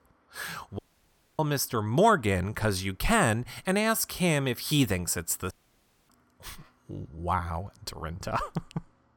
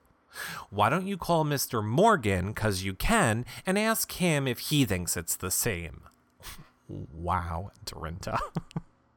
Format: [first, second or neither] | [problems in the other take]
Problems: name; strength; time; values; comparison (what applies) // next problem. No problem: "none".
second | audio cutting out; at 1 s for 0.5 s and at 5.5 s for 0.5 s